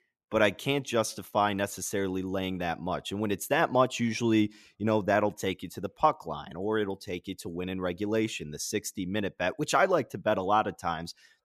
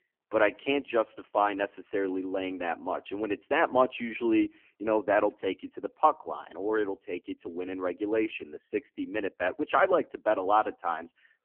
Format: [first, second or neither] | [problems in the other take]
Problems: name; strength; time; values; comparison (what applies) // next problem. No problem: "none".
first | phone-call audio; poor line; nothing above 3 kHz